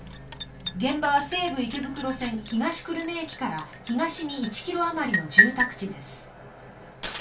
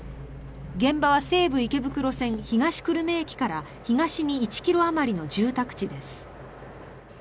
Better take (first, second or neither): second